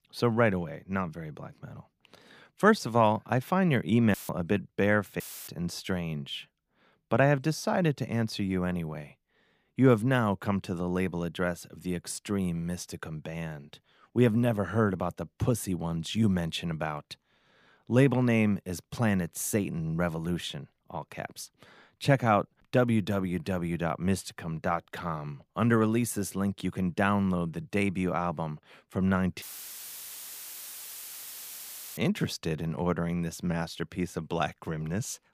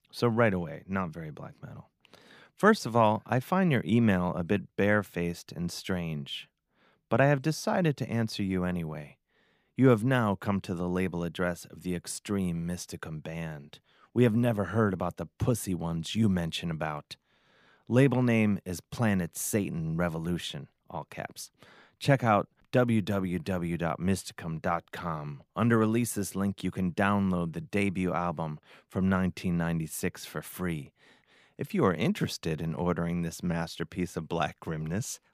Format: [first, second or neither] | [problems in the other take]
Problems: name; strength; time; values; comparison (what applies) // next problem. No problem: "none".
second | audio cutting out; filled with static; at 4 s, at 5 s and at 29 s for 2.5 s